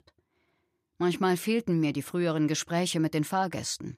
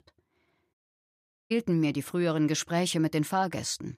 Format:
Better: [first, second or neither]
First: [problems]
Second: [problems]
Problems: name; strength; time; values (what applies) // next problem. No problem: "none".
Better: first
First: none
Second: audio cutting out; at 0.5 s for 1 s